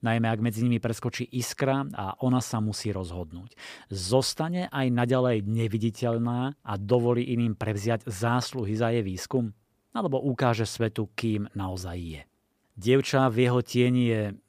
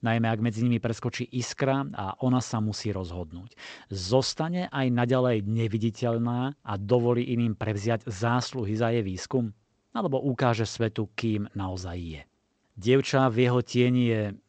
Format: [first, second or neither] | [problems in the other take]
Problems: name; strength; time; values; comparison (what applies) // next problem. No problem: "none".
first | garbled, watery; slightly; nothing above 8 kHz